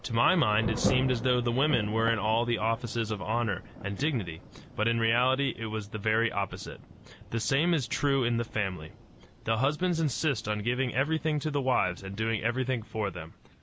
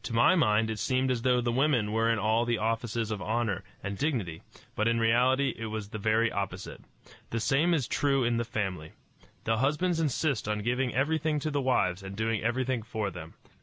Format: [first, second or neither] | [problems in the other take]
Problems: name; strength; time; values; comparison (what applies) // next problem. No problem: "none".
second | background sound (Thunder / Rain); 12 dB below the speech